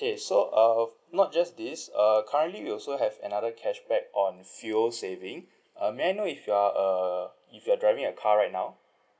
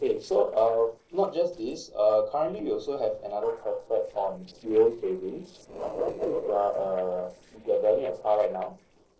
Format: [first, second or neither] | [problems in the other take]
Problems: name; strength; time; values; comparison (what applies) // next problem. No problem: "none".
first | noise reduction (neural separator model SepFormer DNS4)